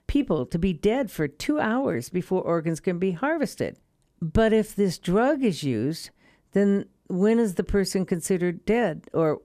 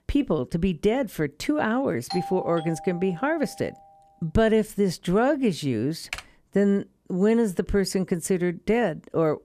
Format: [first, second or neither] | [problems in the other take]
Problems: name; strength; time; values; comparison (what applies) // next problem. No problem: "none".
first | doorbell; noticeable; from 2 to 3.5 s; peak 8 dB below the speech // keyboard typing; faint; at 6 s; peak 10 dB below the speech